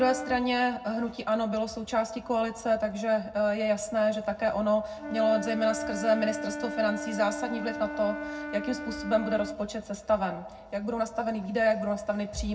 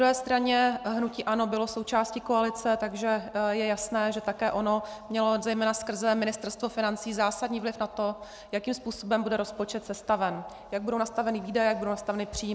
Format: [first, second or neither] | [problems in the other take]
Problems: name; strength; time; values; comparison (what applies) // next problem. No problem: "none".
second | background sound (Wind instrument, woodwind instrument); 11 dB below the speech // room echo; dies away in 0.4 s